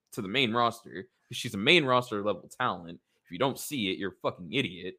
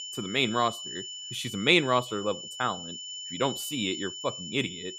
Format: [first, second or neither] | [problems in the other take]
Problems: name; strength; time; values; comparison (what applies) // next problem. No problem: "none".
first | high-pitched whine; loud; throughout; 3 kHz, 9 dB below the speech